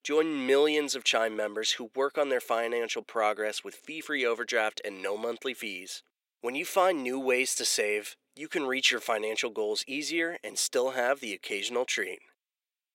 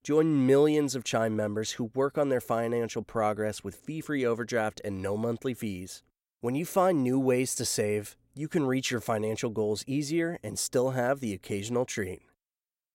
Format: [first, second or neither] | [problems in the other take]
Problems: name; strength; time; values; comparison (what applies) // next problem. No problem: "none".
second | thin; somewhat; fading below 350 Hz